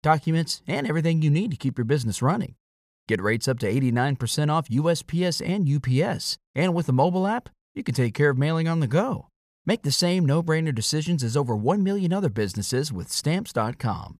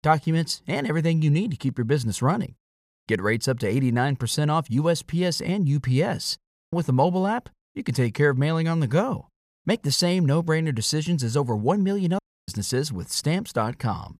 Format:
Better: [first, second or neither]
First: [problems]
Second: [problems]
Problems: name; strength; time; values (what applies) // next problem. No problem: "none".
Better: first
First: none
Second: audio cutting out; at 6.5 s and at 12 s